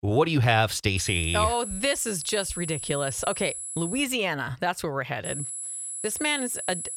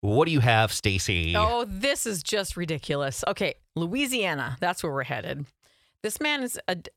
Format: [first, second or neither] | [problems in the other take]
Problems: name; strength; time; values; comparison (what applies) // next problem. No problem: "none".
second | high-pitched whine; loud; from 1 to 4 s and from 5.5 s on; 10.5 kHz, 6 dB below the speech